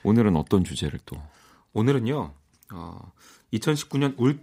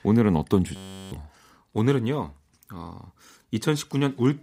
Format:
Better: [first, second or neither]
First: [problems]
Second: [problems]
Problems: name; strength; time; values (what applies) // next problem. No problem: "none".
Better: first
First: none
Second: audio freezing; at 1 s